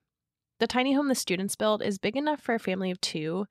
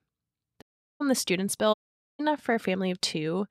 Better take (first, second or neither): first